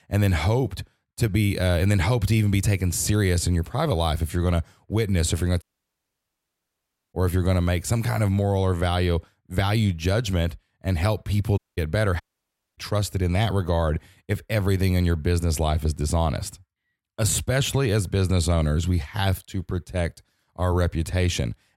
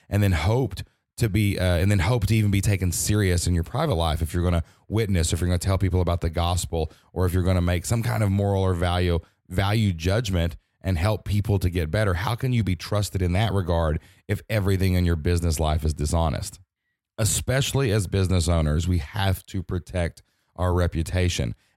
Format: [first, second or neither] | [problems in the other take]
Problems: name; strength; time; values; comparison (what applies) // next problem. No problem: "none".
second | audio cutting out; at 5.5 s for 1.5 s and at 12 s for 0.5 s